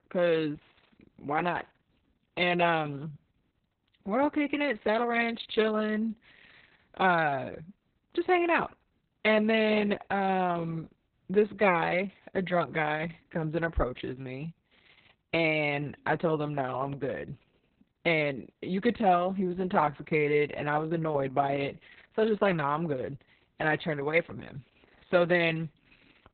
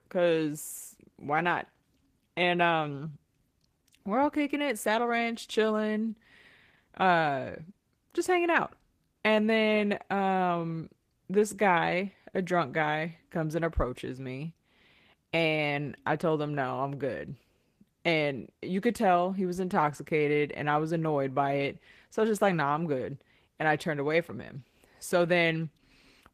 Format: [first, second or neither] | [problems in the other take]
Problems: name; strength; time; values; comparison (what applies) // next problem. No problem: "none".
second | garbled, watery; badly; nothing above 4 kHz; slightly in the second